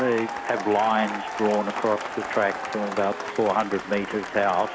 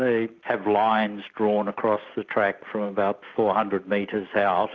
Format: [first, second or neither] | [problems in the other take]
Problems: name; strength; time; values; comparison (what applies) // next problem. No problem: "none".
second | background sound (Applause / Cheering); 8 dB below the speech